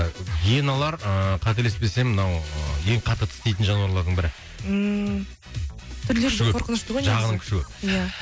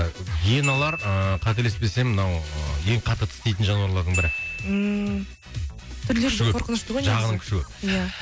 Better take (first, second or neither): first